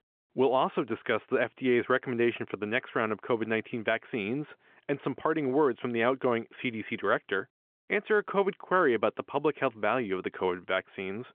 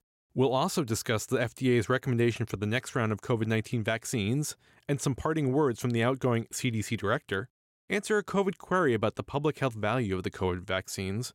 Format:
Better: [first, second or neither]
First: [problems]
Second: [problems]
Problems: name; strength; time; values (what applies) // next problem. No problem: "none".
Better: second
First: phone-call audio; nothing above 3.5 kHz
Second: none